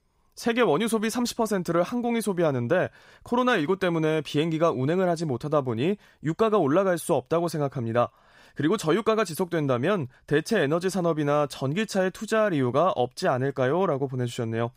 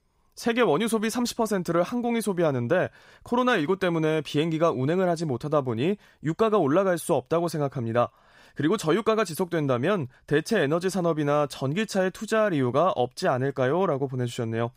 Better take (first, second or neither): neither